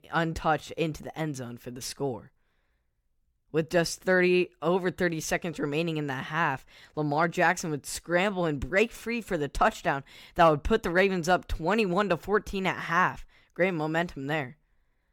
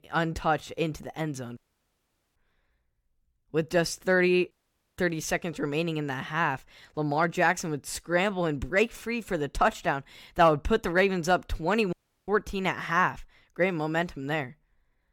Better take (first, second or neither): first